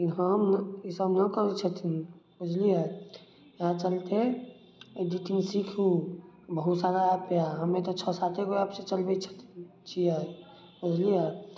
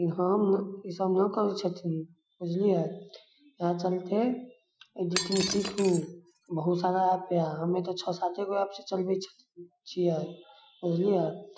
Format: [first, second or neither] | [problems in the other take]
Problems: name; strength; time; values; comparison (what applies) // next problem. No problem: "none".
first | noise reduction (classical method Wiener filter)